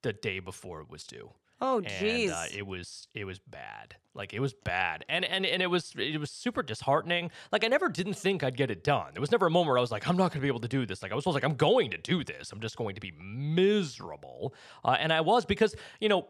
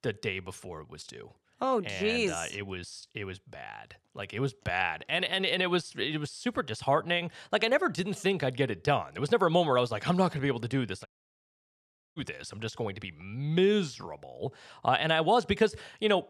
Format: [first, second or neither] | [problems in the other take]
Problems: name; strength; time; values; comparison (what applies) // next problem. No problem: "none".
first | audio cutting out; at 11 s for 1 s